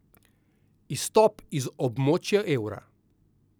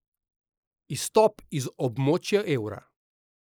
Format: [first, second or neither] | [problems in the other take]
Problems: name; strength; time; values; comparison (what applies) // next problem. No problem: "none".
first | noise reduction (neural mask model Resemble Enhance denoiser)